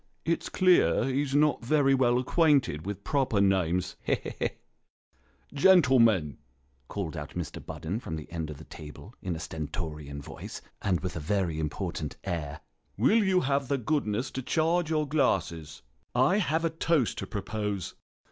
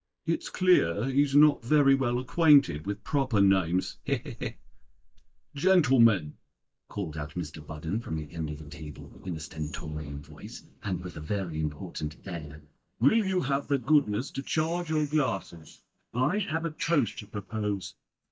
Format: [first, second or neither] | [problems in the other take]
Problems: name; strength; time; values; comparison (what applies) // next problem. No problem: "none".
first | noise reduction (neural mask model DeepFilterNet 3)